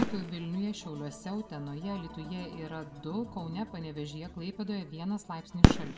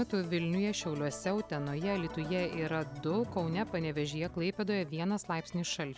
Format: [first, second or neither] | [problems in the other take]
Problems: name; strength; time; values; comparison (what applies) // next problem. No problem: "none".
second | background sound (Fireworks); 4 dB above the speech // room echo; dies away in 1.2 s